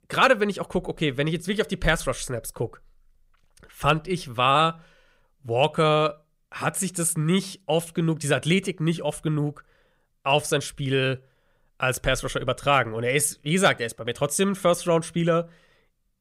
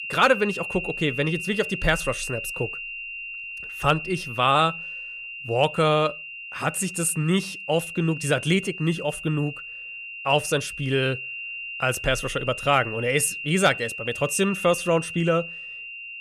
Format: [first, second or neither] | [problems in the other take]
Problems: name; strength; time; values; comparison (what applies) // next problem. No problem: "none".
first | high-pitched whine; loud; throughout; 3 kHz, 8 dB below the speech